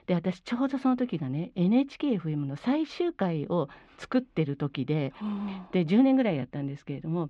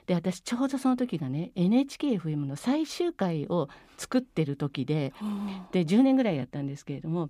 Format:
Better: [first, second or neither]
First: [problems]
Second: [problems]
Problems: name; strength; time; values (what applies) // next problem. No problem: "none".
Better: second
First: muffled; slightly; fading above 3 kHz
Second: none